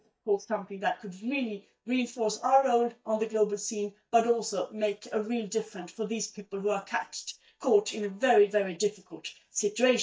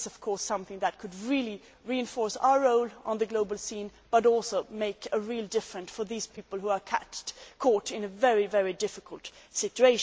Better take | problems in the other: second | noise reduction (neural mask model DeepFilterNet 3)

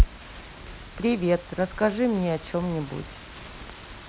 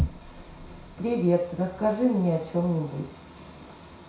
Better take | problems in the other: first | room echo; dies away in 0.6 s

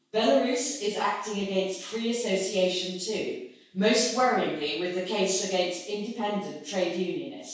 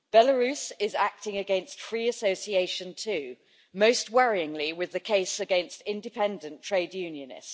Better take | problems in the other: second | room echo; dies away in 0.6 s

